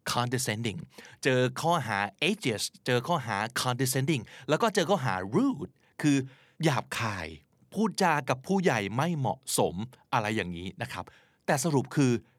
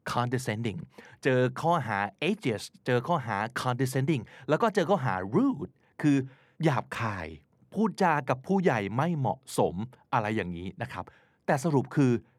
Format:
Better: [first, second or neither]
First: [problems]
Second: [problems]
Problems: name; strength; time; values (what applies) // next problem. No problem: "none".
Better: first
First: none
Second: muffled; slightly; fading above 2.5 kHz